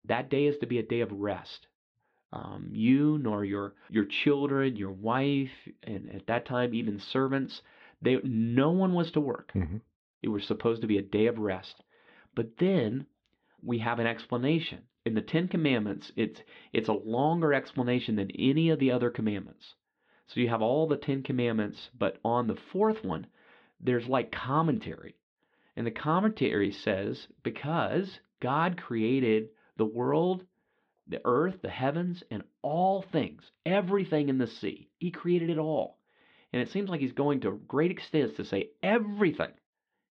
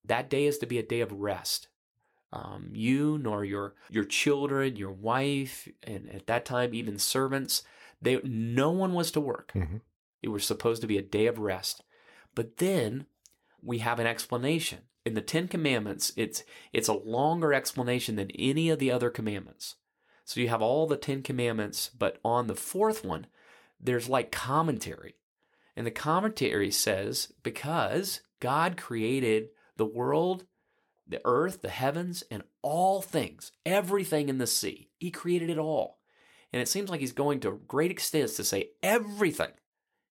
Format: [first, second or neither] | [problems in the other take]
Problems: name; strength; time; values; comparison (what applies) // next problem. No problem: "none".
second | muffled; very; fading above 3.5 kHz